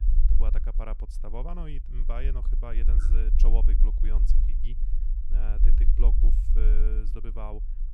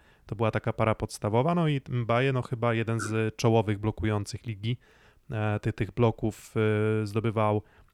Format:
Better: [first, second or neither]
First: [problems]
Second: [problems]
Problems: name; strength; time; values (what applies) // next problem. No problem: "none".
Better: second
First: low rumble; loud; throughout; 7 dB below the speech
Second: none